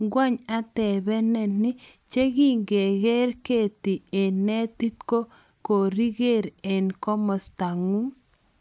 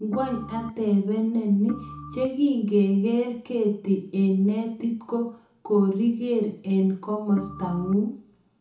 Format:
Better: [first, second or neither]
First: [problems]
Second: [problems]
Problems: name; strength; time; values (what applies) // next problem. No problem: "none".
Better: first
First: none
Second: background sound (Organ); 15 dB below the speech // room echo; dies away in 0.7 s